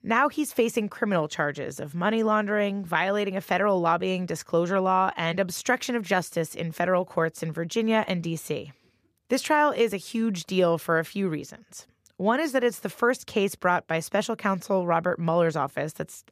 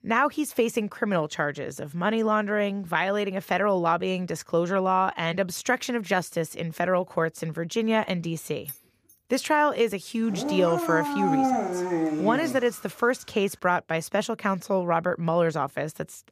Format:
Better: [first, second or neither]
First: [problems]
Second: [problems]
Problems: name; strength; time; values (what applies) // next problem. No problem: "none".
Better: first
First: none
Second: jangling keys; faint; at 8.5 s; peak 15 dB below the speech // dog barking; loud; from 10 to 13 s; peak 3 dB above the speech